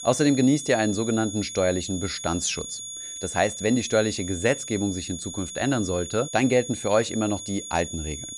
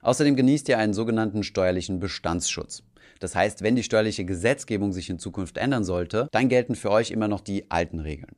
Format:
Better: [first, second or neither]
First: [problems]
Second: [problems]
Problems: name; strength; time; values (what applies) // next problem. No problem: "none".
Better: second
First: high-pitched whine; loud; throughout; 6.5 kHz, 9 dB below the speech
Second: none